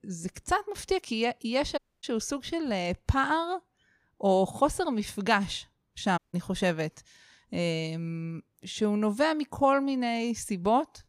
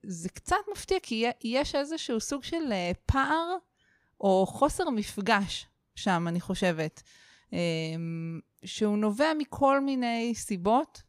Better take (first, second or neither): second